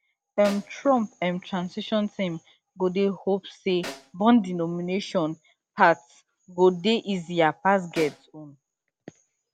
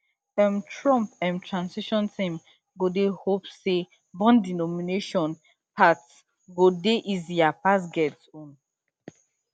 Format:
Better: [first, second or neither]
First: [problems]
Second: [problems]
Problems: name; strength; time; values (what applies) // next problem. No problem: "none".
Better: second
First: background sound (Snare drum); 18 dB below the speech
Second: none